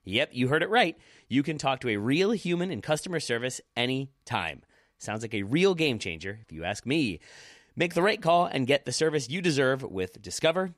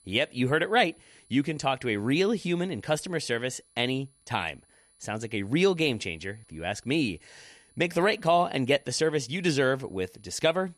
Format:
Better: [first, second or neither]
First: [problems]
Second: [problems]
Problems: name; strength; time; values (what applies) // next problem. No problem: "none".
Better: first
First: none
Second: high-pitched whine; faint; throughout; 10 kHz, 30 dB below the speech